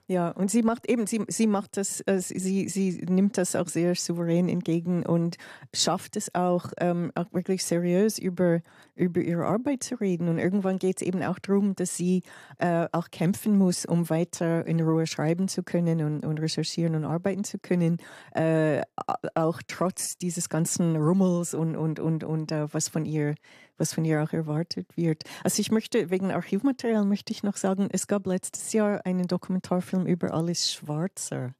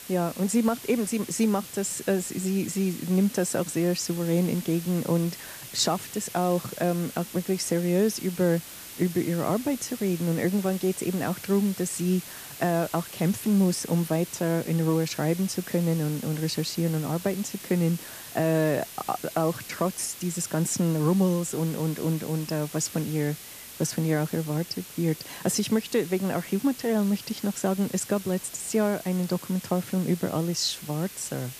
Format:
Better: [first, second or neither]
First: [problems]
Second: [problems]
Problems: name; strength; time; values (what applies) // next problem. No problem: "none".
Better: first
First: none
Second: hiss; noticeable; throughout; 15 dB below the speech